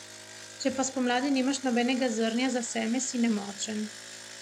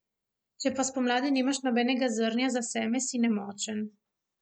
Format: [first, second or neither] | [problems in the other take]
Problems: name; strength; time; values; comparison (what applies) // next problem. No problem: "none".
second | background sound (Engine); 15 dB below the speech